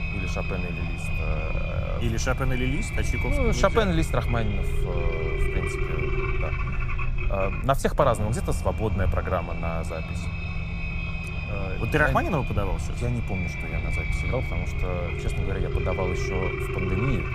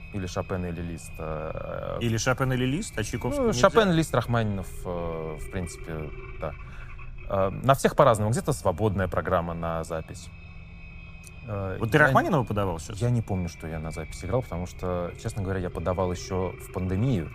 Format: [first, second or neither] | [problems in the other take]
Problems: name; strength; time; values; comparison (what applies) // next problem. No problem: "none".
second | low rumble; loud; throughout; 4 dB below the speech; faint in the second